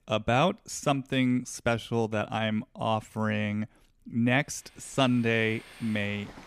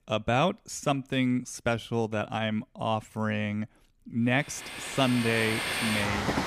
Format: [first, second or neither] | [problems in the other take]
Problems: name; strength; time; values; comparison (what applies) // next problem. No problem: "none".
first | train or aircraft noise; loud; from 5 s on; 2 dB below the speech; faint in the first